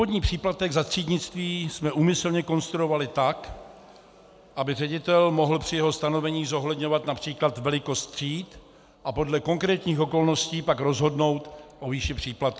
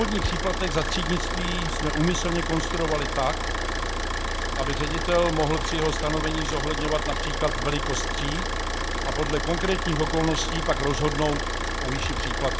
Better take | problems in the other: first | background sound (Idling / Car); 1 dB above the speech

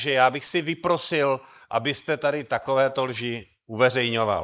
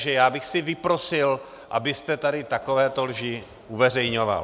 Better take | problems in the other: second | noise reduction (neural mask model Resemble Enhance denoiser)

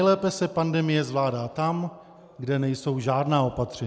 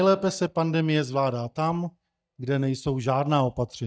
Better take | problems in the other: first | noise reduction (neural mask model DeepFilterNet 3)

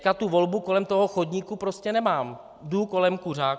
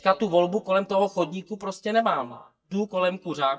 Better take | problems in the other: first | noise reduction (neural mask model DeepFilterNet 3)

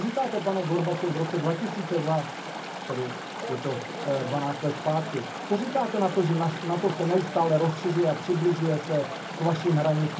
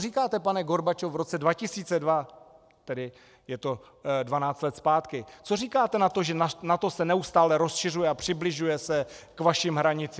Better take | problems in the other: second | background sound (Chatter / Stream); 8 dB below the speech // room echo; dies away in 0.4 s

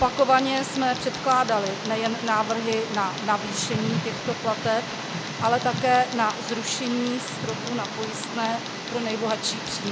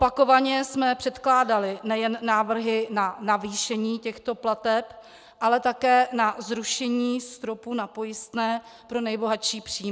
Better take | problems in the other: second | background sound (Tick); 6 dB below the speech

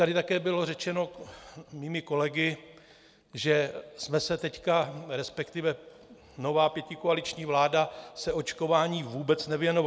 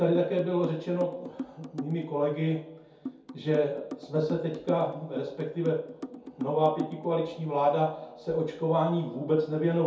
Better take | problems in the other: first | background sound (Drum); 12 dB below the speech // room echo; dies away in 0.6 s

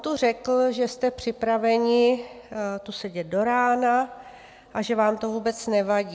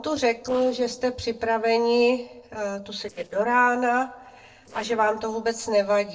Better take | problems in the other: first | noise reduction (neural separator model SepFormer DNS4)

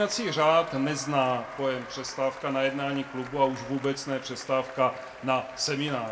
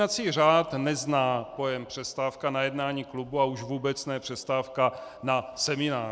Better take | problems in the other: second | background sound (Applause); 16 dB below the speech // room echo; dies away in 0.4 s

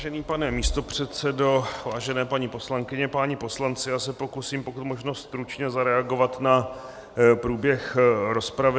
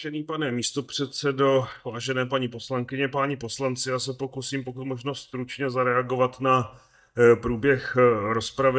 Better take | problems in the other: first | noise reduction (neural mask model DeepFilterNet 3)

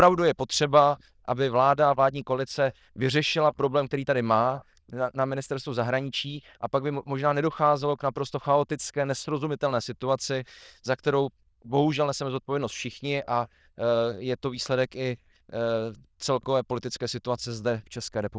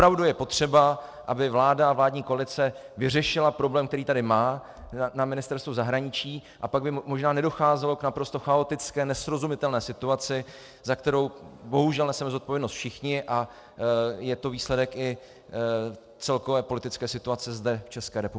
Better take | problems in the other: second | noise reduction (neural diffusion model UNIVERSE++)

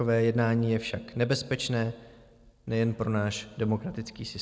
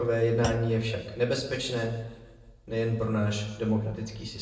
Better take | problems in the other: first | background sound (Thump, thud); 13 dB below the speech // room echo; dies away in 0.9 s

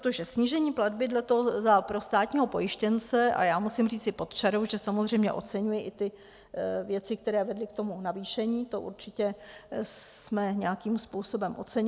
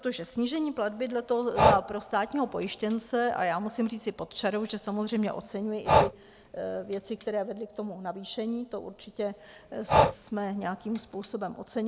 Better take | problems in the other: first | background sound (Breathing); 1 dB above the speech

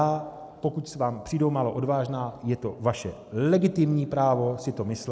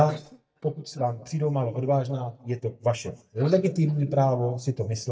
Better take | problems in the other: first | noise reduction (neural mask model DeepFilterNet 3)

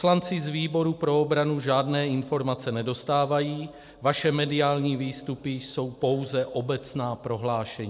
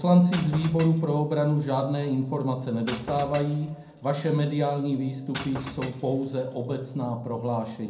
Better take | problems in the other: first | background sound (Shatter / Crushing); 17 dB below the speech // room echo; dies away in 0.5 s

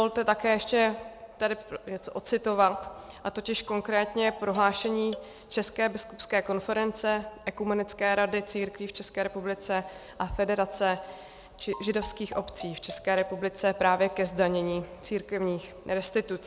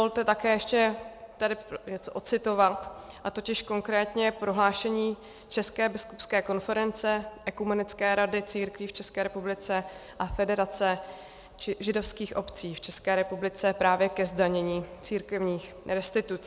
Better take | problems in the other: second | background sound (Marimba, xylophone); 15 dB below the speech

